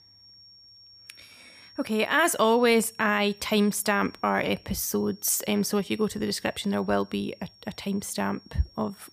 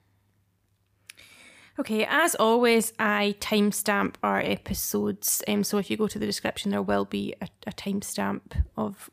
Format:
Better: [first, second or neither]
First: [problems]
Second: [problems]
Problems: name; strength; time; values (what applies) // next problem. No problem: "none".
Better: second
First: high-pitched whine; faint; throughout; 5.5 kHz, 25 dB below the speech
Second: none